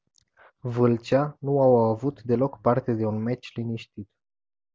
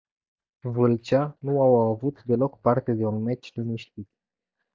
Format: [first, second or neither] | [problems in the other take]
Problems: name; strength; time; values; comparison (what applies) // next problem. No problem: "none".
first | noise reduction (neural mask model DeepFilterNet 3)